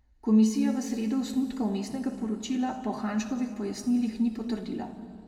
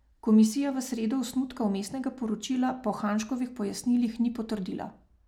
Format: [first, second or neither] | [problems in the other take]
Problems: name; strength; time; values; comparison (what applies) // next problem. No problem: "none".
second | room echo; dies away in 2.2 s